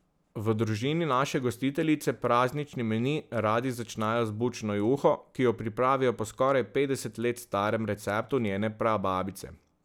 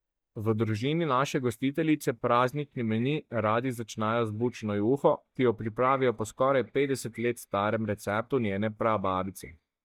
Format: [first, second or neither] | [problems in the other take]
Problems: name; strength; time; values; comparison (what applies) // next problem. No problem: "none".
first | noise reduction (neural mask model DeepFilterNet 3)